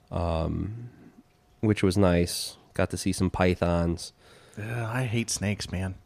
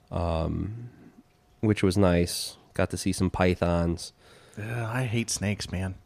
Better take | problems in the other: neither | none

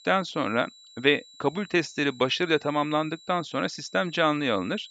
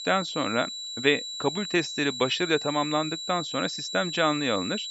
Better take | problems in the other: first | high-pitched whine; loud; throughout; 4 kHz, 6 dB below the speech; faint in the first

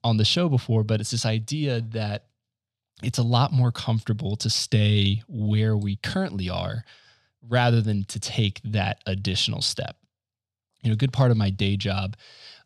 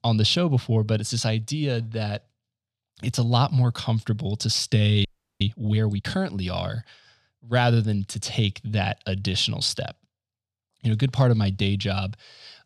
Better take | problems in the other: first | audio freezing; at 5 s

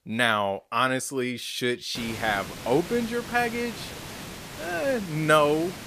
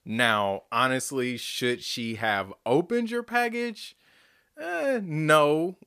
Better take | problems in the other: second | hiss; noticeable; from 2 s on; 10 dB below the speech

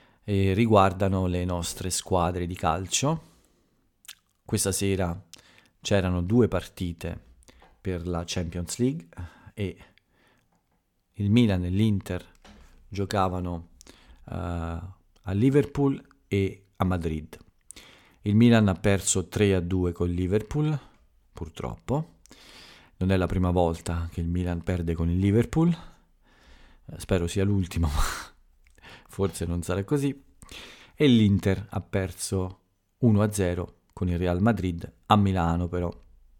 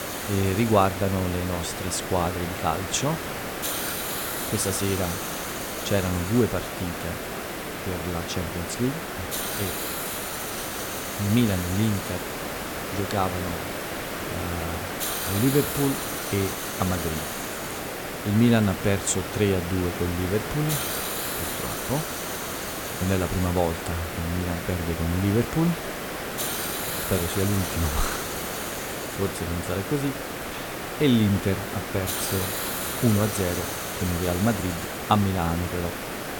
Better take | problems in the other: first | hiss; loud; throughout; 3 dB below the speech

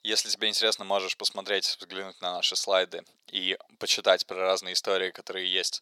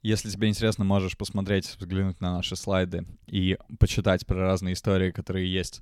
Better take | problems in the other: second | thin; very; fading below 500 Hz

